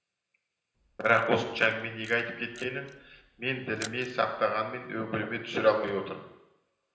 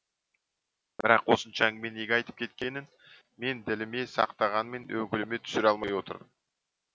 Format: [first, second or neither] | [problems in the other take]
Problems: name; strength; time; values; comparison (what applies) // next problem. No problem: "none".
second | background sound (Camera); 20 dB below the speech // room echo; dies away in 0.9 s